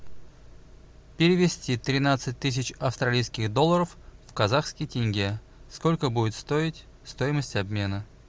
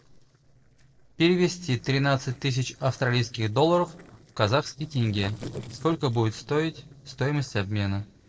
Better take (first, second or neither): first